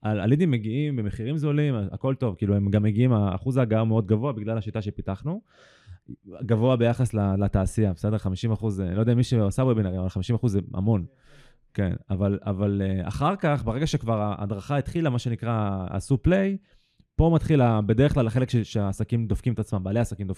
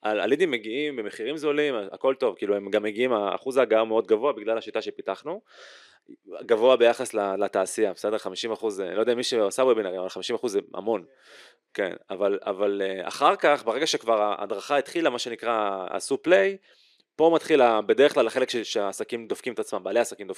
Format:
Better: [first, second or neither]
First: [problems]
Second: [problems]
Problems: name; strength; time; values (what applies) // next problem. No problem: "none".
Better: first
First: none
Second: thin; very; fading below 400 Hz